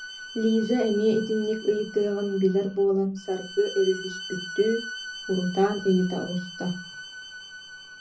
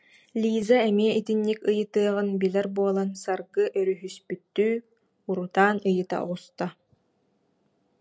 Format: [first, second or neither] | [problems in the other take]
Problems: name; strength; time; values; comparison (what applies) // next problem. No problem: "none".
second | background sound (Bowed string instrument); 13 dB below the speech // room echo; dies away in 0.4 s